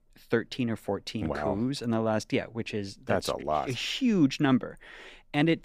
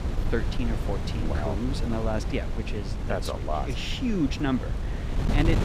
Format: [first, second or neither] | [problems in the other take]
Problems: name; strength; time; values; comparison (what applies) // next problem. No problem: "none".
first | wind noise on the microphone; heavy; 6 dB below the speech